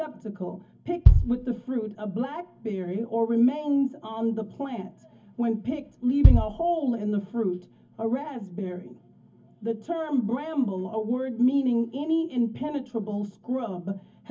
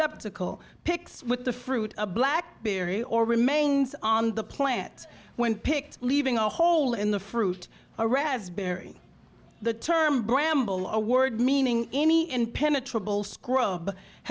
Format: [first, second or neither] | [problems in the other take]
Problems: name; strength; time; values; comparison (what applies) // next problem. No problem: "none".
second | background sound (Bass drum); 4 dB above the speech // room echo; dies away in 0.3 s